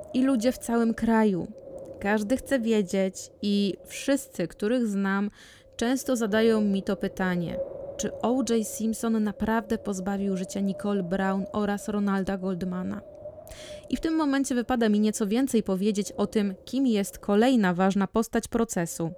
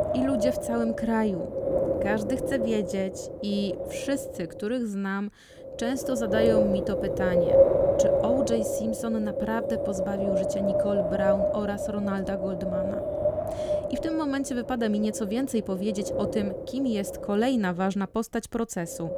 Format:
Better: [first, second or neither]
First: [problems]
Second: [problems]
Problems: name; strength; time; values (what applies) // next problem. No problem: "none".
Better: first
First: wind noise on the microphone; occasional gusts; 15 dB below the speech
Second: wind noise on the microphone; heavy; 4 dB above the speech